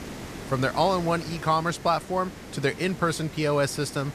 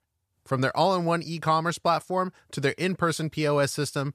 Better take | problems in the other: second | hiss; noticeable; throughout; 15 dB below the speech

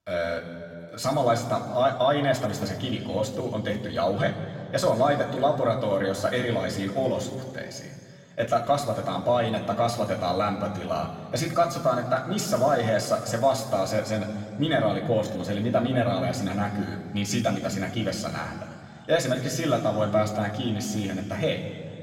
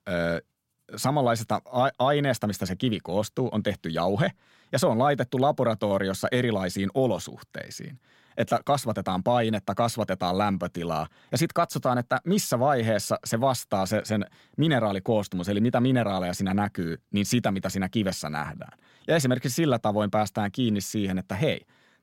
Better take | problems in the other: second | room echo; slight; dies away in 2 s // off-mic speech; somewhat distant

